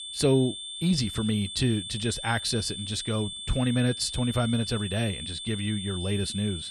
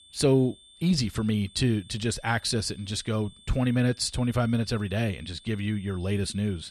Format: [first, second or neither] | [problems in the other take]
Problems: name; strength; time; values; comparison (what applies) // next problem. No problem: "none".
second | high-pitched whine; loud; throughout; 3.5 kHz, 7 dB below the speech; faint in the second